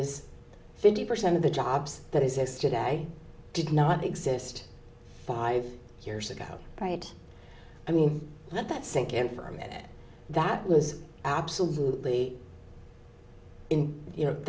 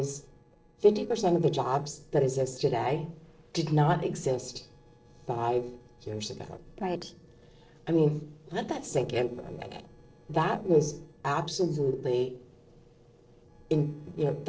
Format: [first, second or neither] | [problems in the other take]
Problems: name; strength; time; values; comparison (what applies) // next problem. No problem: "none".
first | noise reduction (neural separator model SepFormer DNS4)